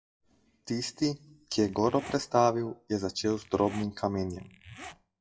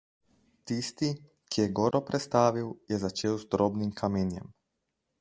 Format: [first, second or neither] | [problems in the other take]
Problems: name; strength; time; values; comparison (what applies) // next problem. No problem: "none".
second | noise reduction (classical method WPE with log-MMSE)